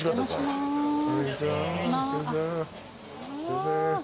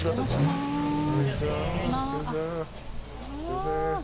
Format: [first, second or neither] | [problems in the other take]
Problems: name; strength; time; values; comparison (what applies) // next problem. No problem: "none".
first | background sound (Accelerating, revving, vroom / Vehicle); 3 dB below the speech